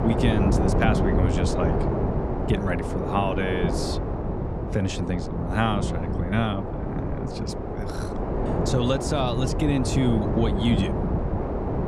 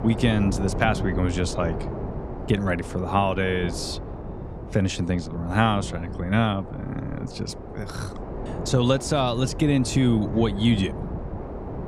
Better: second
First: wind noise on the microphone; heavy; 1 dB below the speech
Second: wind noise on the microphone; occasional gusts; 10 dB below the speech

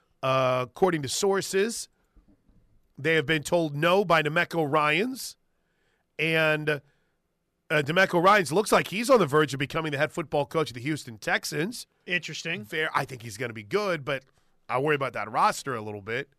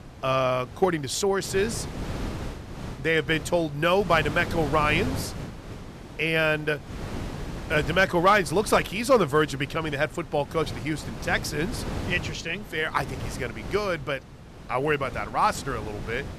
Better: first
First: none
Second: wind noise on the microphone; occasional gusts; 15 dB below the speech

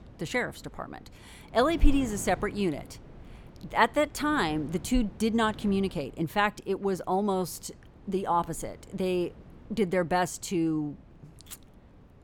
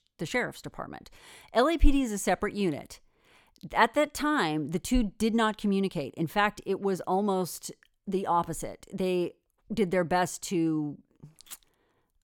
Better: second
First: wind noise on the microphone; occasional gusts; 25 dB below the speech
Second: none

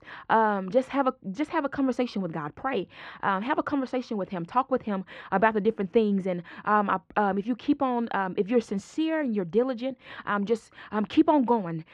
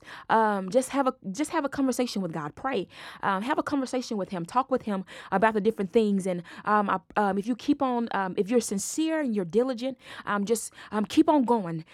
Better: second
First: muffled; slightly; fading above 2.5 kHz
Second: none

